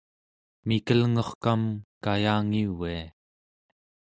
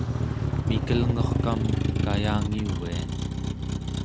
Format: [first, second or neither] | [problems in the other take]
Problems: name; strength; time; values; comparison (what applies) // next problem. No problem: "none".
first | background sound (Motor vehicle (road)); 5 dB above the speech